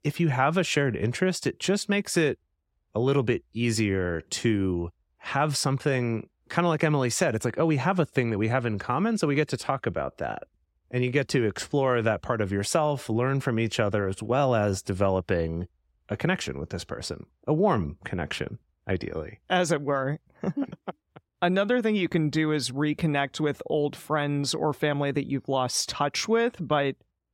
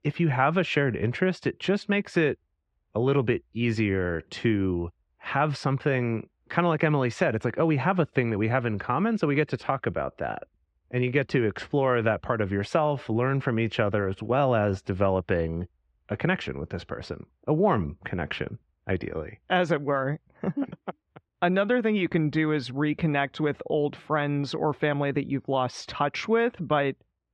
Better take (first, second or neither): first